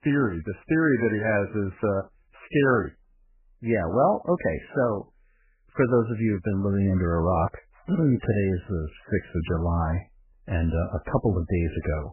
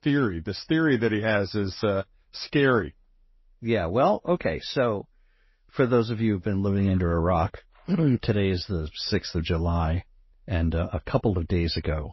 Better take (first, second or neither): second